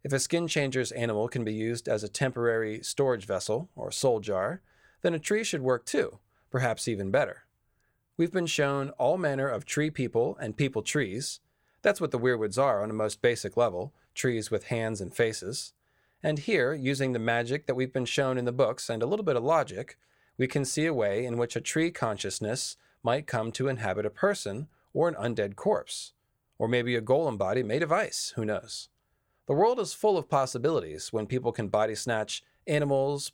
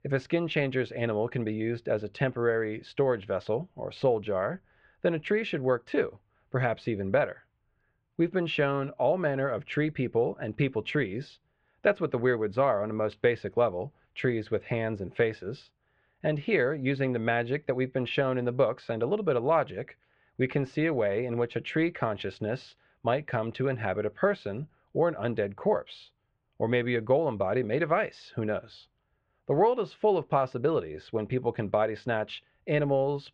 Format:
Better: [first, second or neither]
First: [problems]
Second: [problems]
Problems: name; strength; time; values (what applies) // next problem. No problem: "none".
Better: first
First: none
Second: muffled; very; fading above 3 kHz